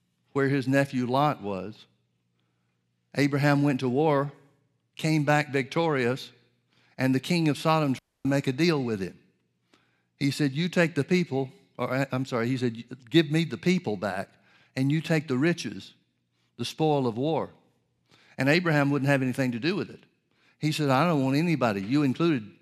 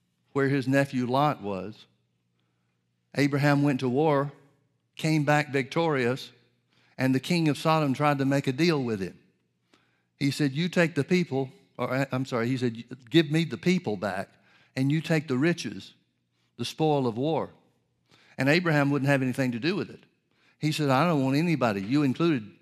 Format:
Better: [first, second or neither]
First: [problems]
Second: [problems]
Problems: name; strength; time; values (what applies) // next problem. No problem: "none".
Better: second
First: audio cutting out; at 8 s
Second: none